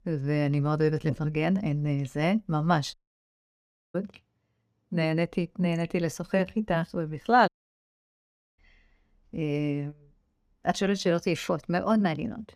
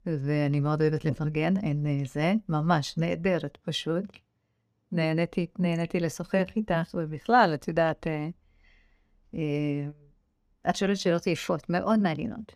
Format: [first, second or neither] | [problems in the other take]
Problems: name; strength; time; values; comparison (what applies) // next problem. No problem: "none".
second | audio cutting out; at 3 s for 1 s and at 7.5 s for 1 s